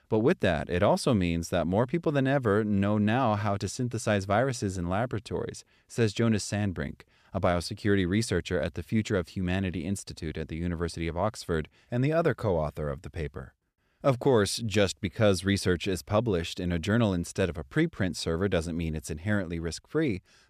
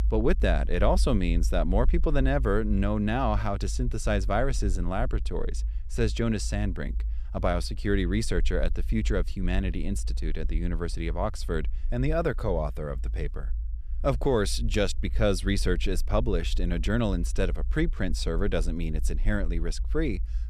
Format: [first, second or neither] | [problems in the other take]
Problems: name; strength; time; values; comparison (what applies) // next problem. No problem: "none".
first | low rumble; faint; throughout; 25 dB below the speech